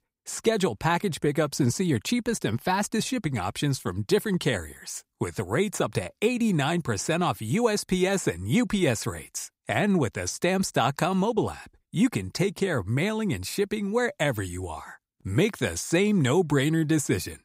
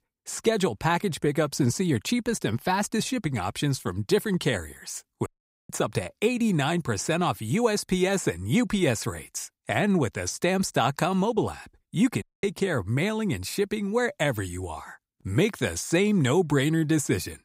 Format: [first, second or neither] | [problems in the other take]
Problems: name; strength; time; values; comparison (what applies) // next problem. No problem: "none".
first | audio cutting out; at 5.5 s and at 12 s